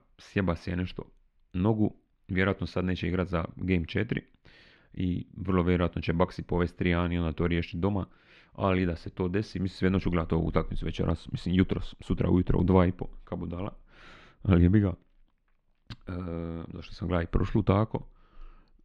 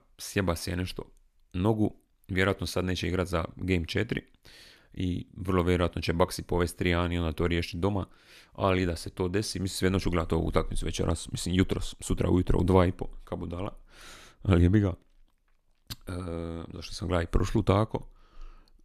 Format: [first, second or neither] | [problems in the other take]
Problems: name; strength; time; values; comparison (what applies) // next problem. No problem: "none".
second | muffled; slightly; fading above 2.5 kHz